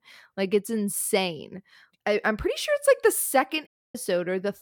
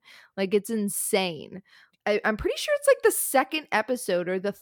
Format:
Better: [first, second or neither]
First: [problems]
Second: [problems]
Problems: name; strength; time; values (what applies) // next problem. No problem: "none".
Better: second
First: audio cutting out; at 3.5 s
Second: none